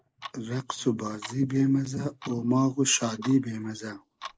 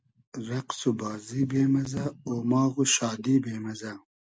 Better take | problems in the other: second | noise reduction (neural mask model Resemble Enhance denoiser)

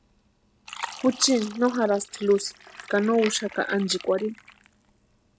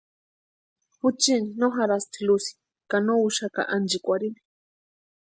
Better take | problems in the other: second | background sound (Fill (with liquid)); 16 dB below the speech

